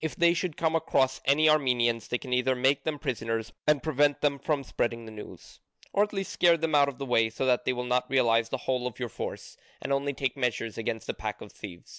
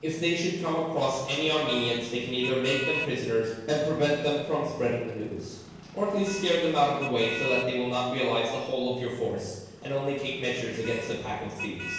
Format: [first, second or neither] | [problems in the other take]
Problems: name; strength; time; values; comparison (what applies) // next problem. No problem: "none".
first | background sound (Motor vehicle (road)); 12 dB below the speech // room echo; dies away in 1 s